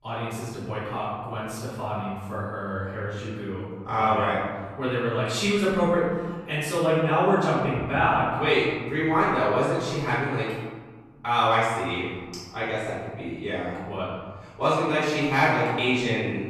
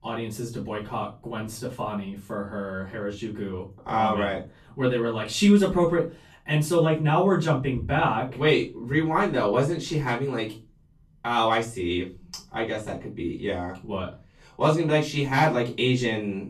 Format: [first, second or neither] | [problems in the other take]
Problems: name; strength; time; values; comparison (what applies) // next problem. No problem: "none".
second | room echo; strong; dies away in 1.4 s; slight in the second // off-mic speech; far; far in the second